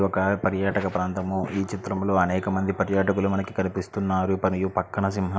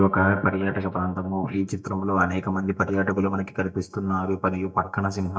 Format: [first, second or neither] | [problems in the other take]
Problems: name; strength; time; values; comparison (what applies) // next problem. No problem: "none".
first | noise reduction (neural mask model DeepFilterNet 3)